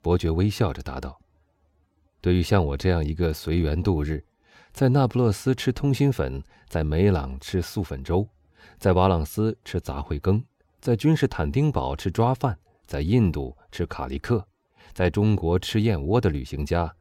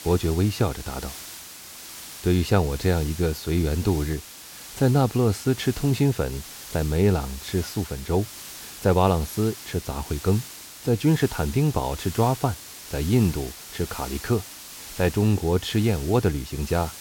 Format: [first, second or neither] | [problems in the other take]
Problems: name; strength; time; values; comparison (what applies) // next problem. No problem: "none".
first | hiss; noticeable; throughout; 15 dB below the speech